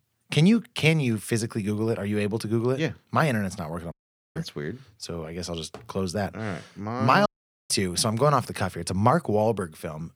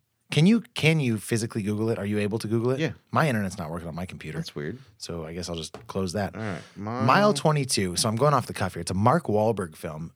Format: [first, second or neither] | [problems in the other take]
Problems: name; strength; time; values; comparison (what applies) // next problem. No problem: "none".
second | audio cutting out; at 4 s and at 7.5 s